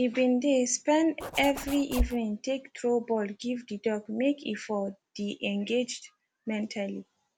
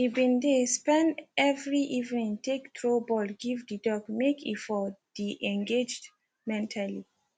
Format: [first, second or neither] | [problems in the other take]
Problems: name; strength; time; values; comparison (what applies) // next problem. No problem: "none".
second | background sound (Zipper (clothing)); 3 dB below the speech